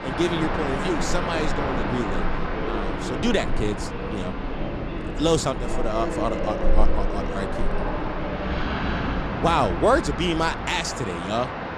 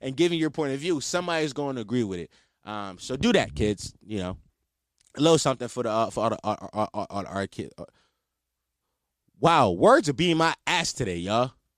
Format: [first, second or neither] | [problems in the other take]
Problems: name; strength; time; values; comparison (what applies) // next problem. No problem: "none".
second | train or aircraft noise; loud; throughout; 2 dB below the speech